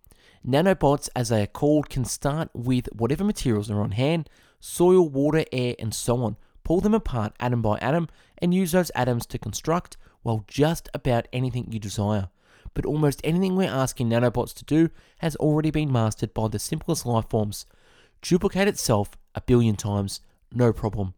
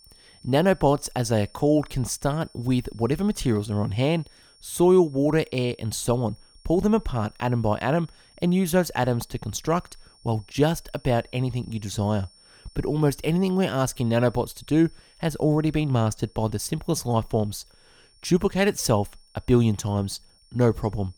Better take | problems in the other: first | high-pitched whine; faint; throughout; 5.5 kHz, 30 dB below the speech

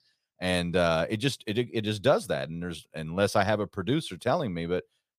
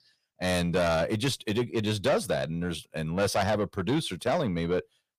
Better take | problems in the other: first | distortion; heavy; 8 dB below the speech

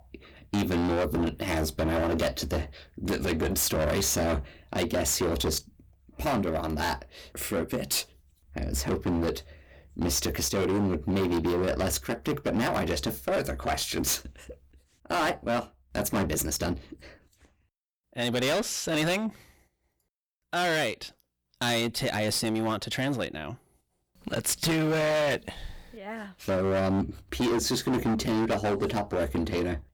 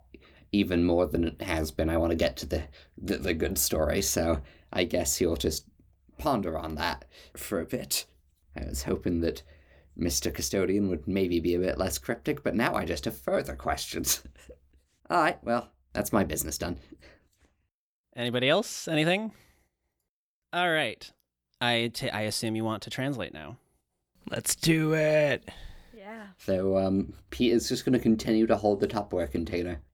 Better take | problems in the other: second | distortion; heavy; 17% of the sound clipped

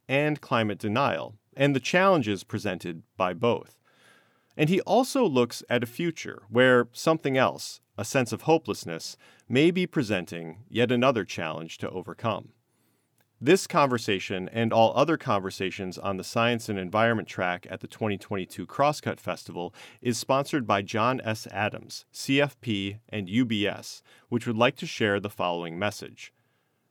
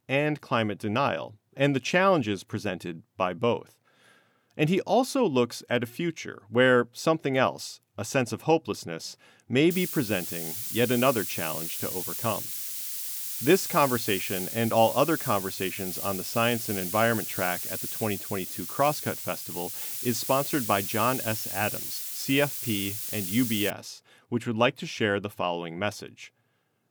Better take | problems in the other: first | hiss; loud; from 9.5 to 24 s; 3 dB below the speech

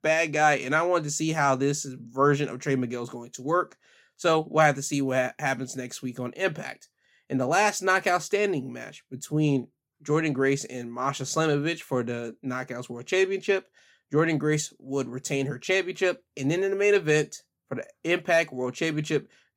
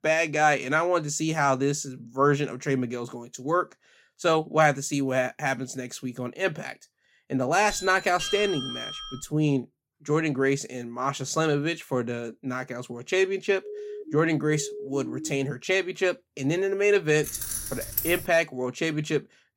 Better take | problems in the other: first | doorbell; noticeable; from 7.5 to 9.5 s; peak 4 dB below the speech // siren; faint; from 14 to 15 s; peak 10 dB below the speech // jangling keys; noticeable; from 17 to 18 s; peak 2 dB below the speech

